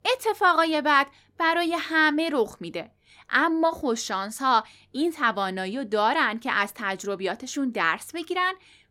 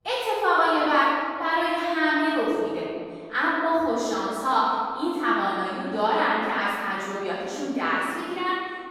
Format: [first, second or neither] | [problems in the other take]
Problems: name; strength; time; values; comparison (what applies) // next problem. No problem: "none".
first | room echo; strong; dies away in 1.9 s // off-mic speech; far